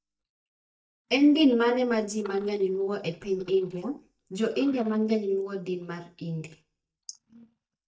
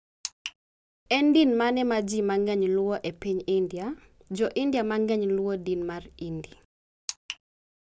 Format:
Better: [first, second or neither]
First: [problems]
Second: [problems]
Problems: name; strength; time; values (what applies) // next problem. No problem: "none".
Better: second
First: noise reduction (neural mask model DeepFilterNet 3)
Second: none